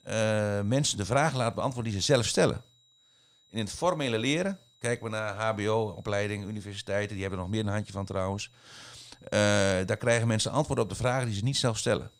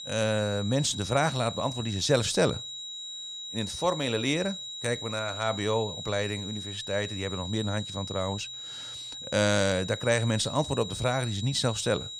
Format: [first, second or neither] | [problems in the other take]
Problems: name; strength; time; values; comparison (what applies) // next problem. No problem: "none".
first | high-pitched whine; loud; throughout; 4 kHz, 8 dB below the speech; faint in the first